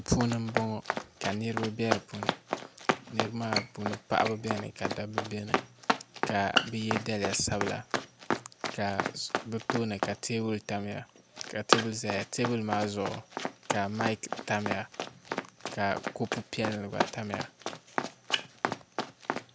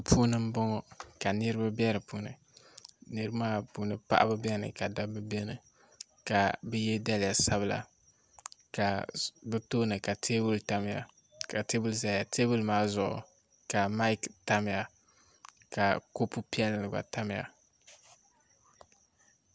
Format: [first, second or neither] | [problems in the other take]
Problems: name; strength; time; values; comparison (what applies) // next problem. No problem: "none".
second | background sound (Run); 1 dB below the speech